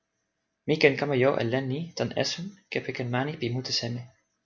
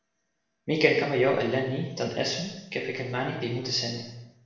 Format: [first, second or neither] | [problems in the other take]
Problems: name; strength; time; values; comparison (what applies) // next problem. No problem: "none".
first | room echo; dies away in 0.9 s